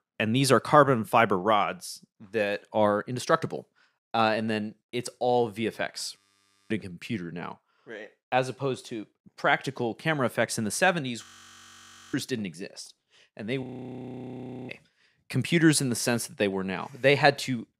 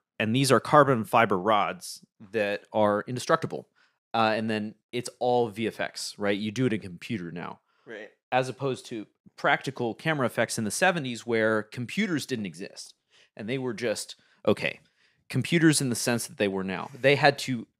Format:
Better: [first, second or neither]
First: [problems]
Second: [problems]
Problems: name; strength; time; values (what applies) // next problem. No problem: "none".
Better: second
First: audio freezing; at 6 s for 0.5 s, at 11 s for 1 s and at 14 s for 1 s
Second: none